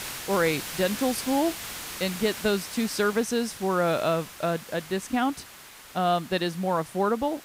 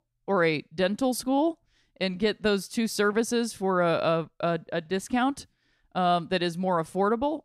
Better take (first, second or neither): second